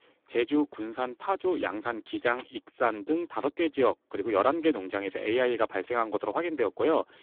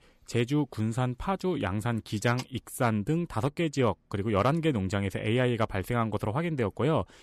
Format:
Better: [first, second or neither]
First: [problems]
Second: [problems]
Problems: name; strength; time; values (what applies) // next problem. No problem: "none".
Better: second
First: phone-call audio; poor line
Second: none